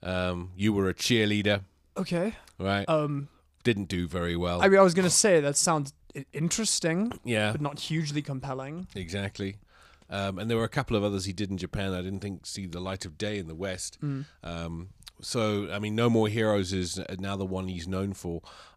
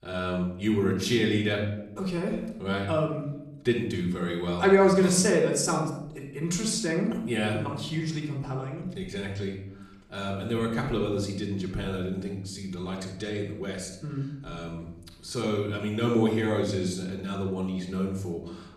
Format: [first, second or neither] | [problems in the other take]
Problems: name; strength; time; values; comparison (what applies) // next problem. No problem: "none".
first | off-mic speech; far // room echo; noticeable; dies away in 0.7 s